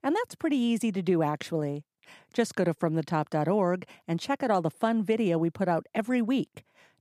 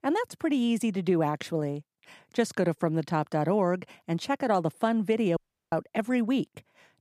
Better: first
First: none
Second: audio cutting out; at 5.5 s

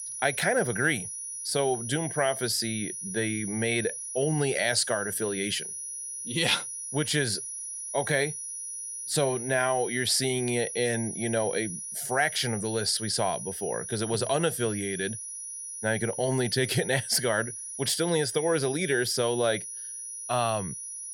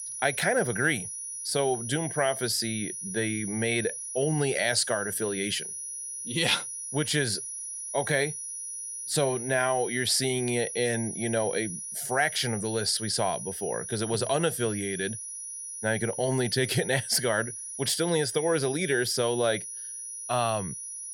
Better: neither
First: high-pitched whine; loud; throughout; 10.5 kHz, 7 dB below the speech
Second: high-pitched whine; loud; throughout; 10.5 kHz, 7 dB below the speech

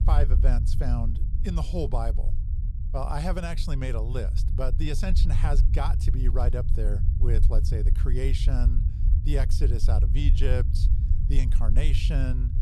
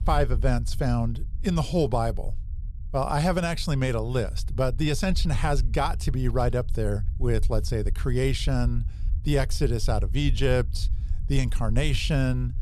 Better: second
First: low rumble; loud; throughout; 9 dB below the speech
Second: low rumble; faint; throughout; 20 dB below the speech

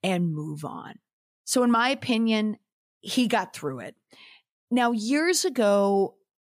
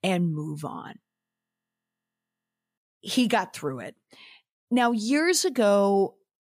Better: first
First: none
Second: audio freezing; at 1 s for 1.5 s

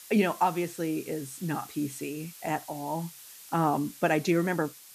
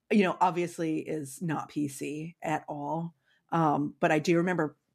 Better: second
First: hiss; noticeable; throughout; 15 dB below the speech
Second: none

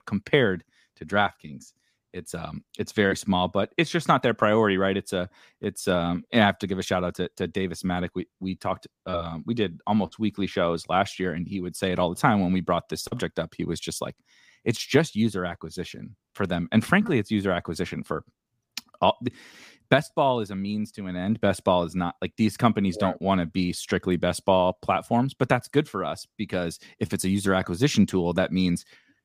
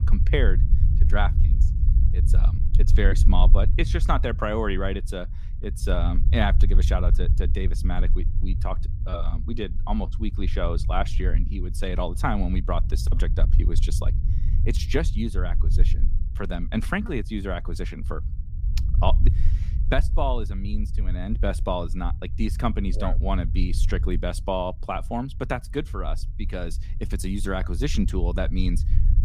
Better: first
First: none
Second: low rumble; noticeable; throughout; 15 dB below the speech

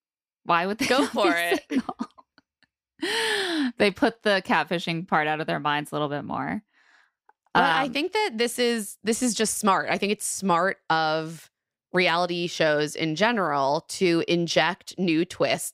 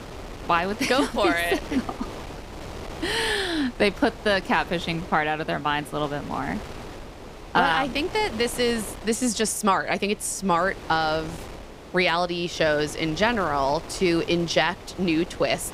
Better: first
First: none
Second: wind noise on the microphone; occasional gusts; 15 dB below the speech

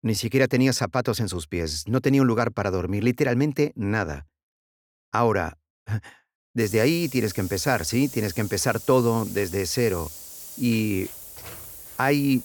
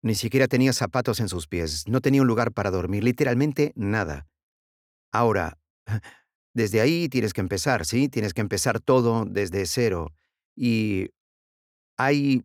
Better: second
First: hiss; noticeable; from 6.5 s on; 15 dB below the speech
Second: none

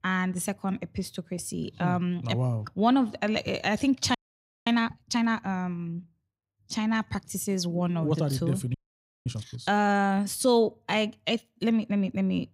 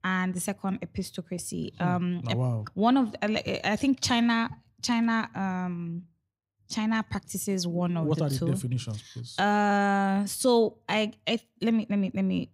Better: second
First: audio freezing; at 4 s for 0.5 s and at 8.5 s for 0.5 s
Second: none

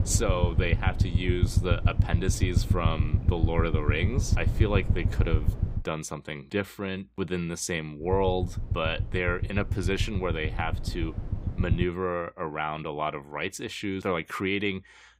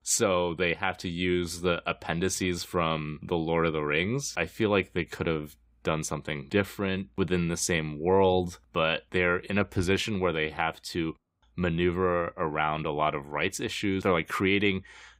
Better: second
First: low rumble; noticeable; until 6 s and from 8 to 12 s; 10 dB below the speech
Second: none

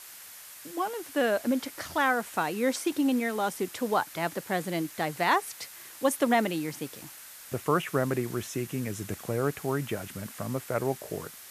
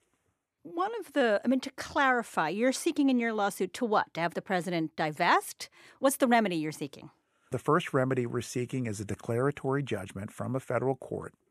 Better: second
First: hiss; noticeable; throughout; 15 dB below the speech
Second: none

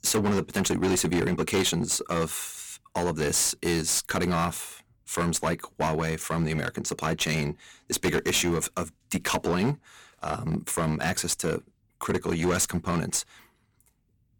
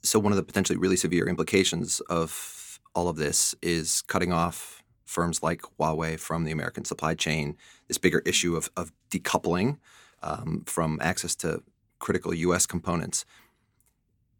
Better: second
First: distortion; heavy; 10% of the sound clipped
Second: none

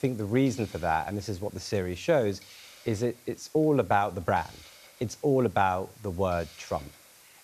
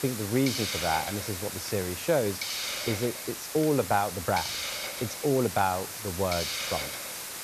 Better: first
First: hiss; faint; throughout; 20 dB below the speech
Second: hiss; loud; throughout; 3 dB below the speech

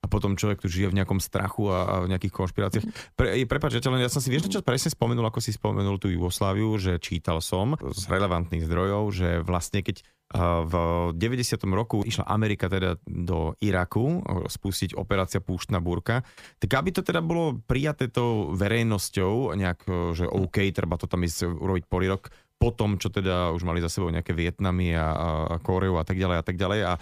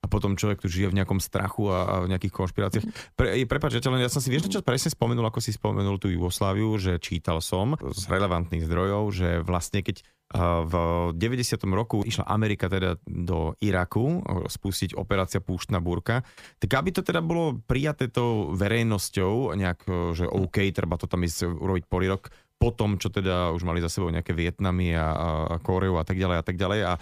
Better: neither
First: none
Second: none

